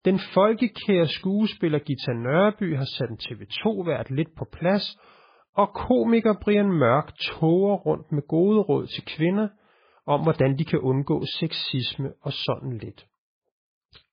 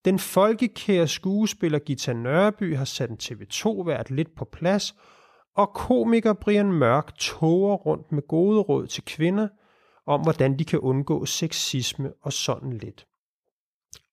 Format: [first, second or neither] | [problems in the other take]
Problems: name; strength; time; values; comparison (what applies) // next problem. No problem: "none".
second | garbled, watery; badly